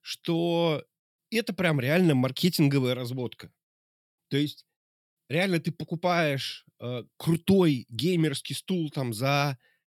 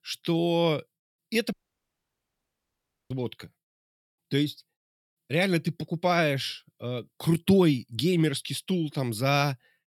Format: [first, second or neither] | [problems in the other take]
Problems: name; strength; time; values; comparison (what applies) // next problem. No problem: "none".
first | audio cutting out; at 1.5 s for 1.5 s